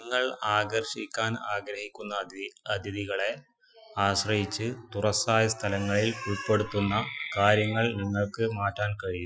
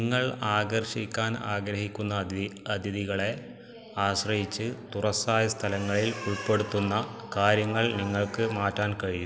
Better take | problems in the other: second | noise reduction (classical method Wiener filter)

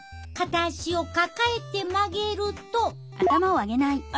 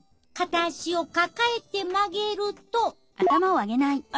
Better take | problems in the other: first | noise reduction (neural separator model SepFormer DNS4)

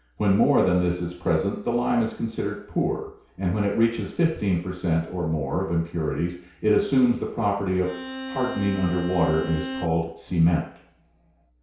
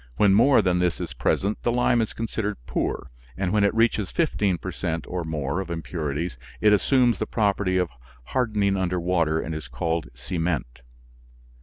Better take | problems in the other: second | background sound (Bowed string instrument); 10 dB below the speech // room echo; dies away in 0.6 s

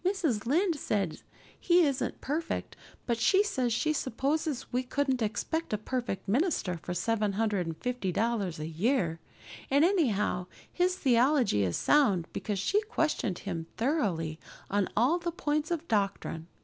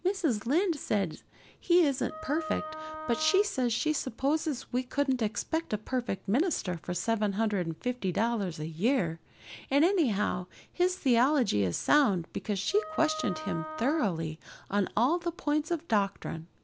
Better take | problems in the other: first | background sound (Wind instrument, woodwind instrument); 11 dB below the speech

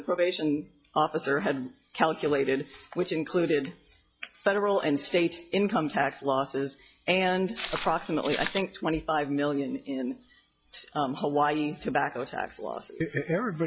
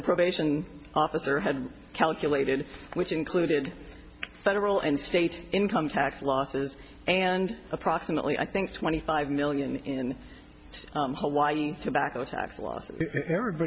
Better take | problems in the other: second | noise reduction (classical method log-MMSE)

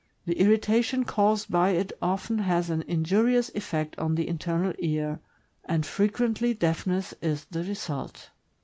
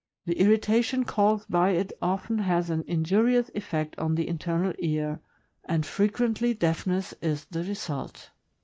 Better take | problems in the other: first | noise reduction (neural mask model DeepFilterNet 3)

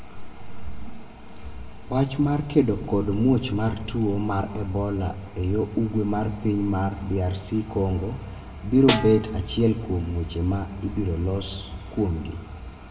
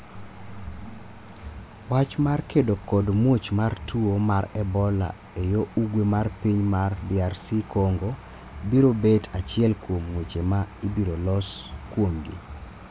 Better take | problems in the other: second | background sound (Snare drum); 6 dB below the speech // room echo; dies away in 1.4 s

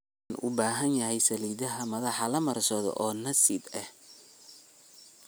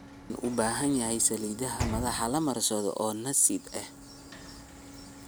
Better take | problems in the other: first | background sound (Sliding door / Slam); 11 dB below the speech

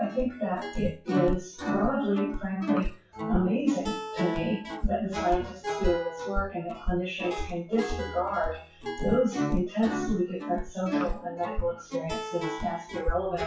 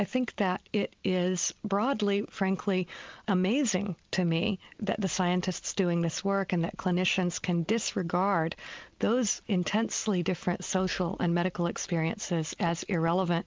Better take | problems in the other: second | noise reduction (classical method WPE with log-MMSE)

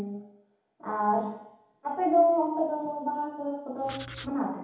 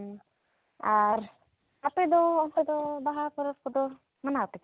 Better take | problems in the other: second | background sound (Writing); 14 dB below the speech // room echo; dies away in 2.2 s

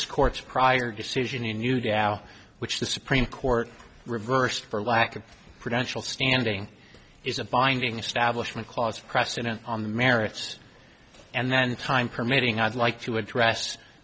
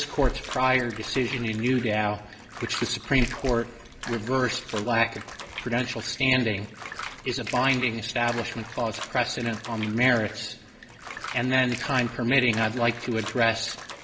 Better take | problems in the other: first | background sound (Bathtub (filling or washing) / Water); 13 dB below the speech // room echo; dies away in 2.1 s

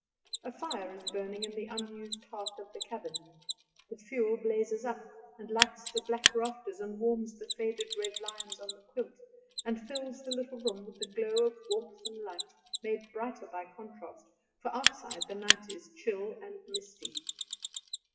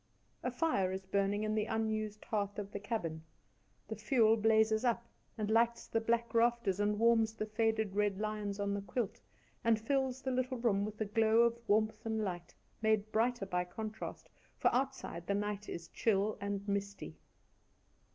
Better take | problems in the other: second | noise reduction (classical method WPE with log-MMSE)

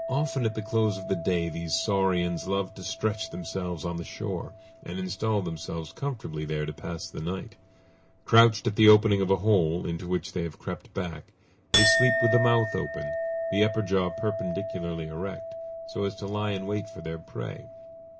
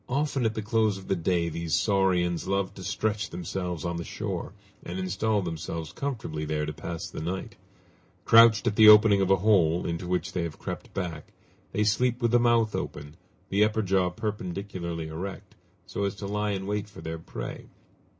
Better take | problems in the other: second | background sound (Chink, clink); 7 dB below the speech

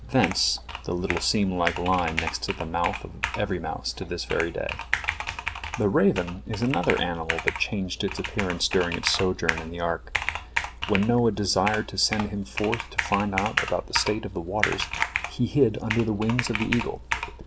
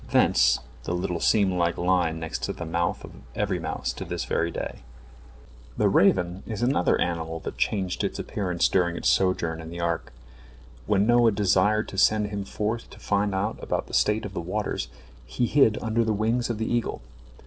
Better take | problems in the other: second | background sound (Computer keyboard); 6 dB below the speech

